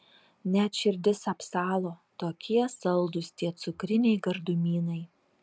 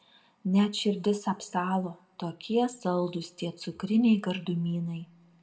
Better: first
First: none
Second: room echo; dies away in 0.2 s

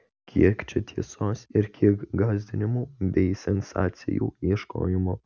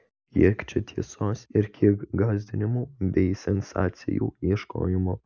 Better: first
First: none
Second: noise reduction (neural mask model Resemble Enhance denoiser)

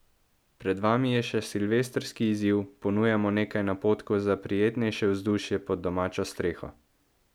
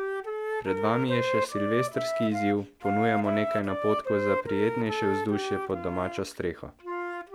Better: first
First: none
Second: background sound (Wind instrument, woodwind instrument); 2 dB below the speech

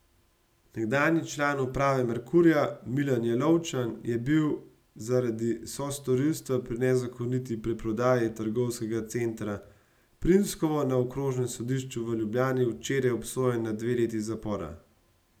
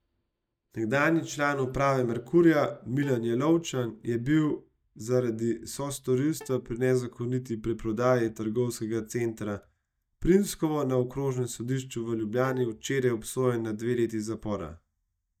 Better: first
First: none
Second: noise reduction (neural mask model DeepFilterNet 3)

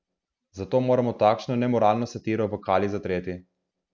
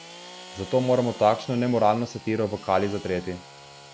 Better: first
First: none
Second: background sound (Sawing / Engine); 18 dB below the speech

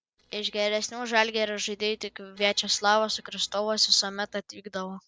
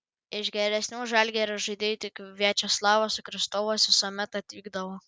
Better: second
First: noise reduction (neural separator model SepFormer DNS4)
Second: none

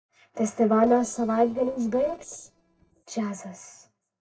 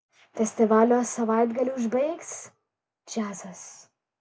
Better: second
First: noise reduction (neural separator model SepFormer DNS4)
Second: none

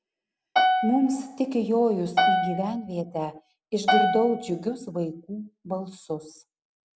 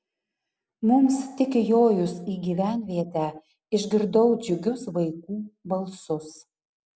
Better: second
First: background sound (Piano); 1 dB above the speech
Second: none

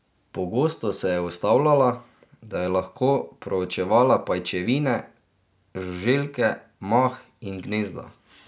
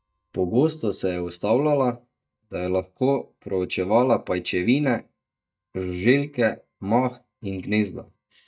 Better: first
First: none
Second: noise reduction (neural mask model DeepFilterNet 3)

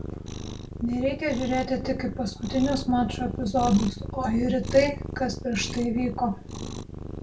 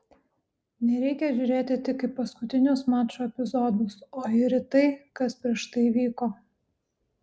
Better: second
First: background sound (Cat); 7 dB below the speech // room echo; dies away in 0.2 s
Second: none

